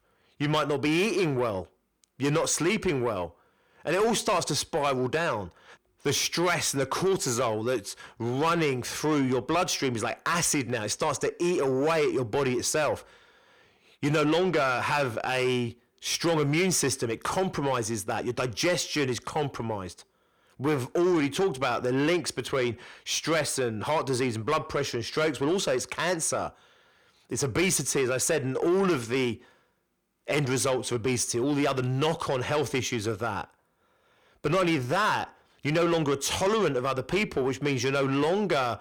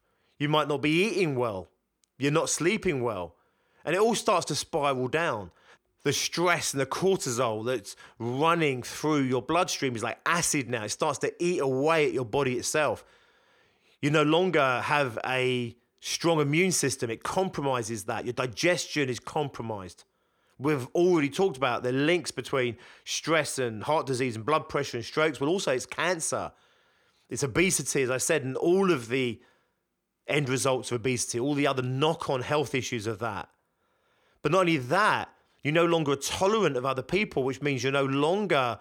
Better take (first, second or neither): second